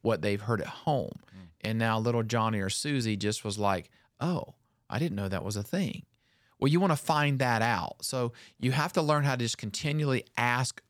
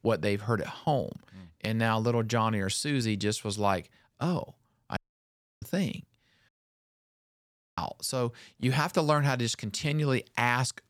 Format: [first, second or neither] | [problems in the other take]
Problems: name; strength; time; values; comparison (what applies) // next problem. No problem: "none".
first | audio cutting out; at 5 s for 0.5 s and at 6.5 s for 1.5 s